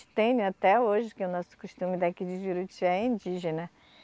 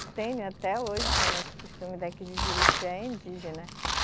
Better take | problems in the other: first | background sound (Domestic sounds, home sounds); 4 dB above the speech

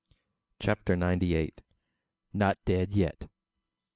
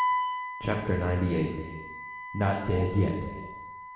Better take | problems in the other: first | background sound (Wind instrument, woodwind instrument); 6 dB below the speech // room echo; dies away in 1.2 s

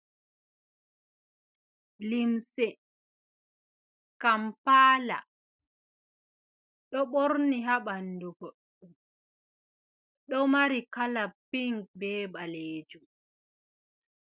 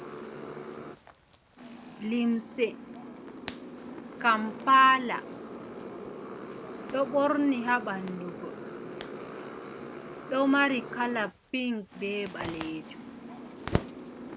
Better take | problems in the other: first | background sound (Zipper (clothing) + Motorcycle); 10 dB below the speech

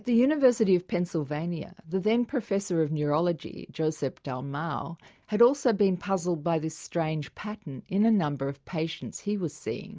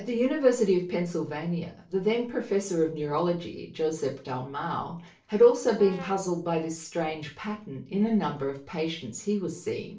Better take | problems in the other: first | noise reduction (neural separator model SepFormer DNS4)

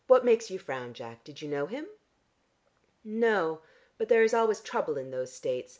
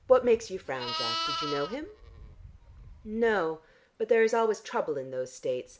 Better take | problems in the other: first | background sound (Livestock, farm animals, working animals); 11 dB below the speech

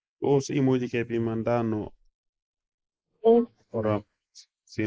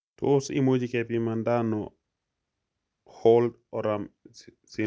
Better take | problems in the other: second | noise reduction (neural mask model Resemble Enhance denoiser)

